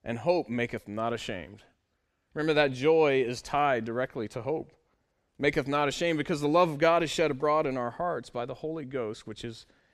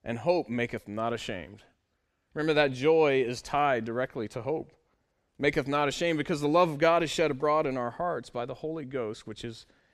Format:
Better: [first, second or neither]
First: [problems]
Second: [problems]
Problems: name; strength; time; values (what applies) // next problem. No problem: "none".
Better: neither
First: none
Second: none